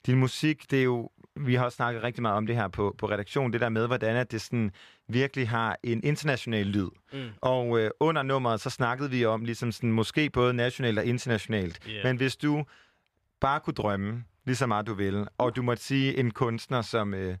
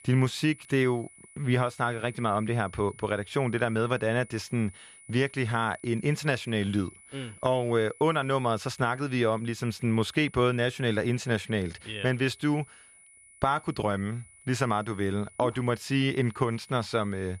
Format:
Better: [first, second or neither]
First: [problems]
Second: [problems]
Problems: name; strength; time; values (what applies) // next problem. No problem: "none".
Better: first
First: none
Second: high-pitched whine; faint; throughout; 10 kHz, 25 dB below the speech